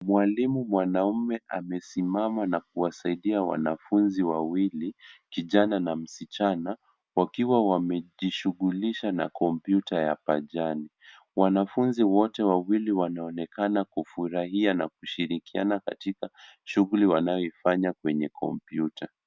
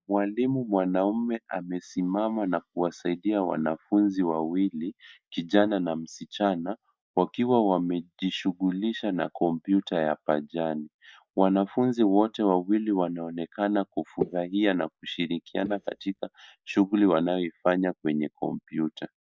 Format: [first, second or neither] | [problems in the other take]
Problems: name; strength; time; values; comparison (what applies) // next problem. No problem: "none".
first | noise reduction (neural mask model DeepFilterNet 3)